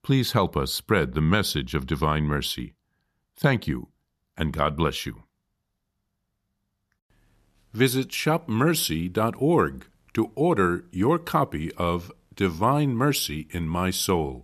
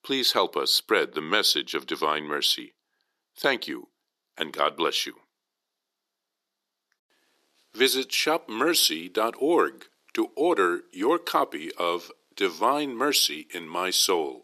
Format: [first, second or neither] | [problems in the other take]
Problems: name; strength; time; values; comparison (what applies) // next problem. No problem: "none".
first | thin; somewhat; fading below 350 Hz